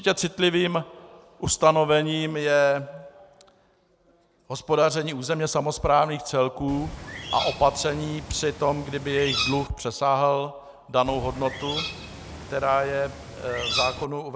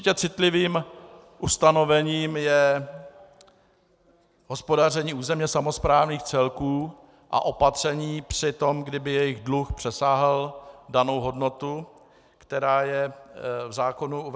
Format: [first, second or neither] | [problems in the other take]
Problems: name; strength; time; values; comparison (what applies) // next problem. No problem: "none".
second | background sound (Bird); 8 dB below the speech